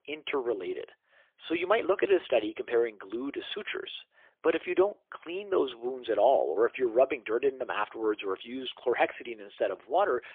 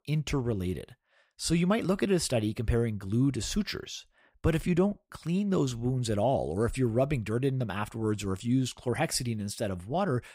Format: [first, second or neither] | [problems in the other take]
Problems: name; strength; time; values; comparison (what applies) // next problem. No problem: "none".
second | phone-call audio; poor line; nothing above 3.5 kHz